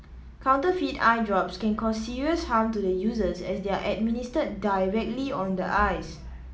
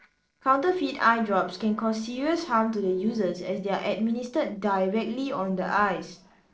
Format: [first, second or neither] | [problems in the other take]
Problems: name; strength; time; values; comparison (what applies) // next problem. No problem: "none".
first | noise reduction (neural separator model SepFormer DNS4)